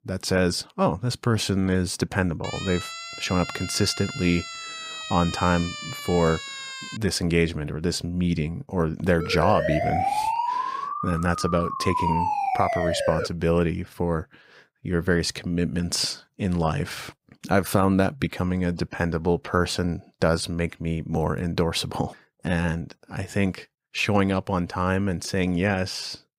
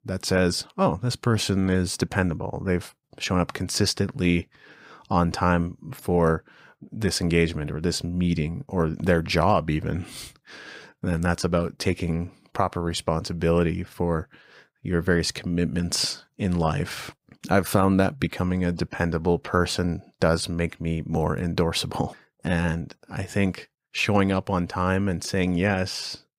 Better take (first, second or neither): second